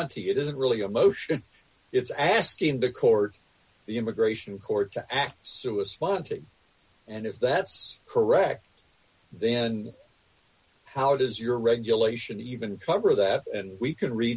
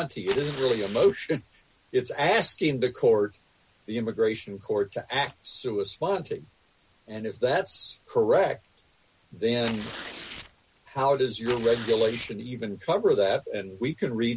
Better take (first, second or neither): first